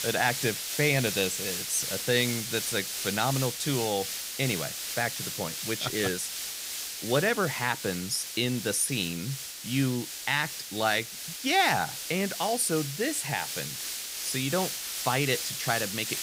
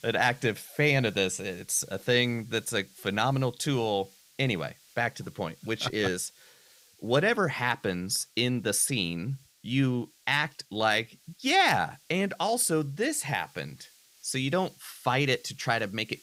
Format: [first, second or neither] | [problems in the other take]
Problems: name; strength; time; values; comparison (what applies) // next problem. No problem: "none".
second | hiss; loud; throughout; 4 dB below the speech; faint in the second